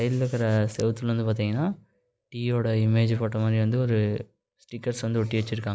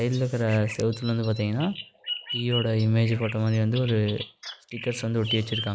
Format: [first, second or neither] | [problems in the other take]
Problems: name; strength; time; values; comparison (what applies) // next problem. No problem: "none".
first | background sound (Bird vocalization, bird call, bird song); 12 dB below the speech